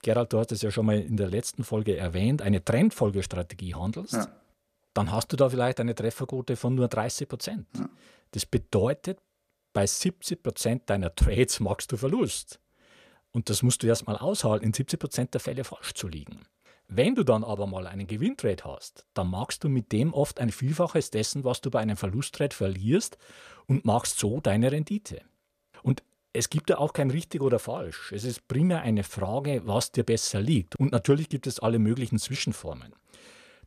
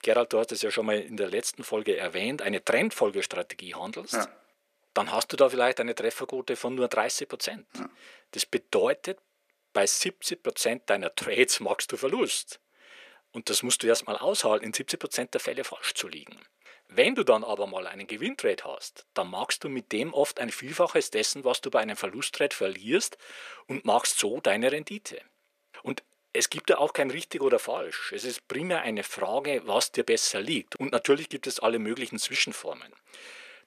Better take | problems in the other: first | thin; somewhat; fading below 350 Hz

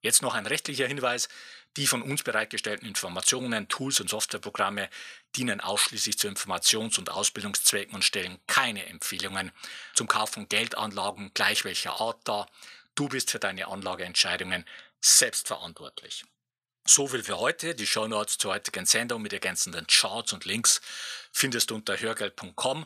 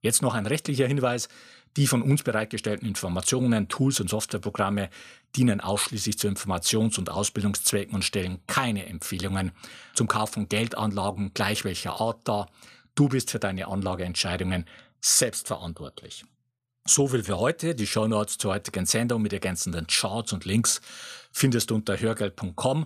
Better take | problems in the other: second | thin; somewhat; fading below 750 Hz

